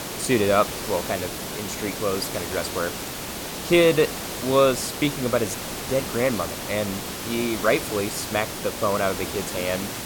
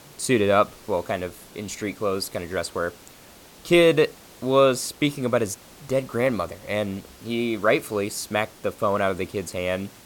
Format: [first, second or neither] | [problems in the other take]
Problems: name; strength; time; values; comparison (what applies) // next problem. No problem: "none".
second | hiss; loud; throughout; 6 dB below the speech; faint in the second